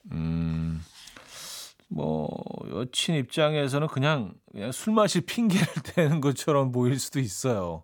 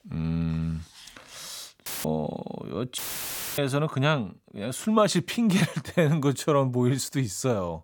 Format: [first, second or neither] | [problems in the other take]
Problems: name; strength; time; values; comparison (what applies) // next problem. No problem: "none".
first | audio cutting out; filled with static; at 2 s and at 3 s for 0.5 s